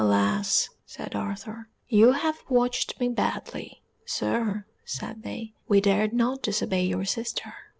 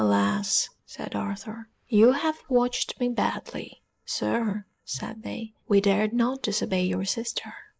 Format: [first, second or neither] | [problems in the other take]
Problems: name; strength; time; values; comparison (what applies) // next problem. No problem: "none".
first | noise reduction (neural mask model Resemble Enhance denoiser)